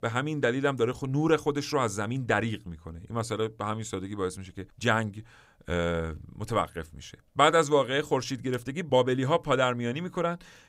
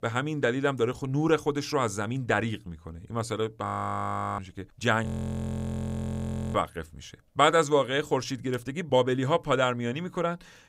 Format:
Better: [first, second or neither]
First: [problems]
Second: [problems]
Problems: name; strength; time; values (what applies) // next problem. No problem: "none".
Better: first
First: none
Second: audio freezing; at 3.5 s for 0.5 s and at 5 s for 1.5 s